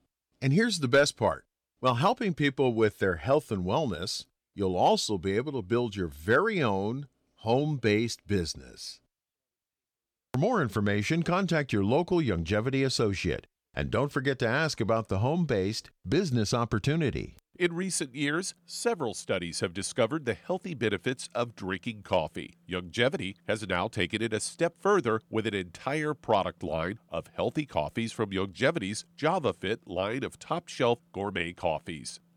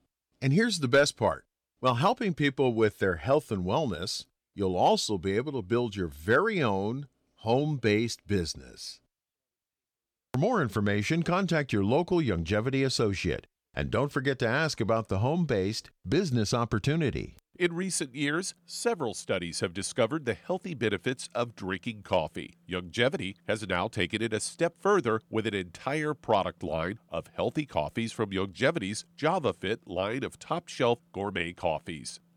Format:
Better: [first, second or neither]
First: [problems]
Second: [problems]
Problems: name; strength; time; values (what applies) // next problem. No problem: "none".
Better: neither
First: none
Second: none